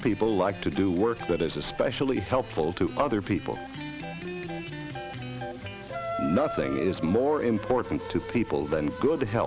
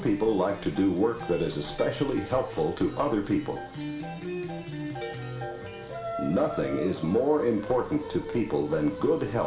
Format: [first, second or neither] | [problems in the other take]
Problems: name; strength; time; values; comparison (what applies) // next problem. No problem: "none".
first | background sound (Harp); 19 dB below the speech // room echo; dies away in 0.4 s